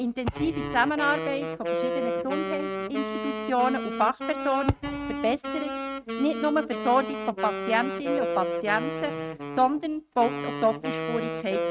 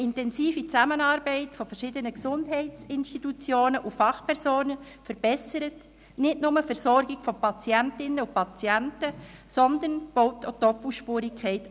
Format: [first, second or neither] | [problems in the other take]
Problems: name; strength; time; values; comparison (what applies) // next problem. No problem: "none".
second | noise reduction (neural mask model RNNoise)